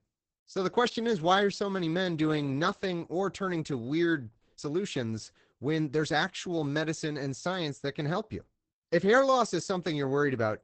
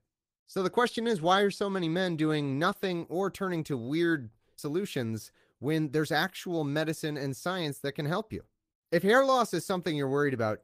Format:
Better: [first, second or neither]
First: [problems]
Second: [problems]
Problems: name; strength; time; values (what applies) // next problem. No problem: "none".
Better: second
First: garbled, watery; badly; nothing above 8 kHz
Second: garbled, watery; slightly; nothing above 15 kHz